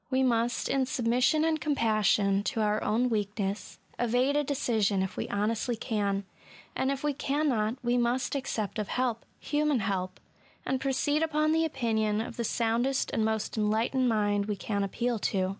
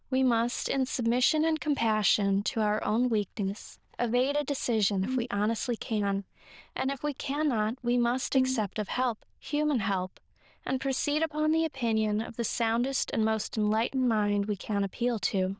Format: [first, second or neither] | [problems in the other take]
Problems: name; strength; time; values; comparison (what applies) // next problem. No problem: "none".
first | noise reduction (neural diffusion model UNIVERSE++)